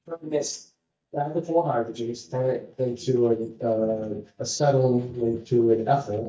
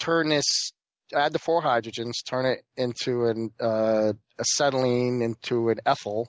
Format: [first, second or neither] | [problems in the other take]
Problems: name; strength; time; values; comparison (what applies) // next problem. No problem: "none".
second | noise reduction (neural mask model DeepFilterNet 3)